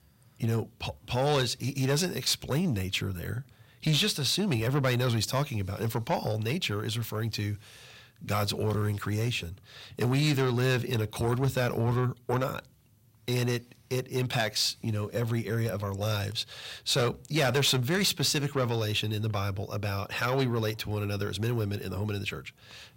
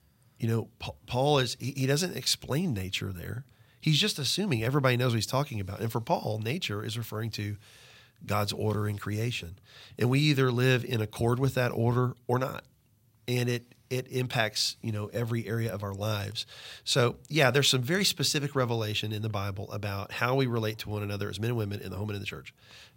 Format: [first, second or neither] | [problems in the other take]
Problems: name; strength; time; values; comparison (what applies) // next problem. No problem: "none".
second | distortion; slight; 10 dB below the speech